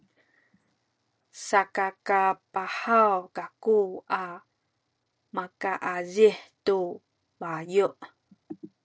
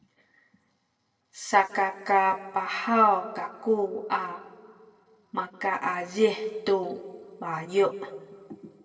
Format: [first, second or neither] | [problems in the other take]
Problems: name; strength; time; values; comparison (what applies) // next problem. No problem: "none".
first | room echo; dies away in 1.4 s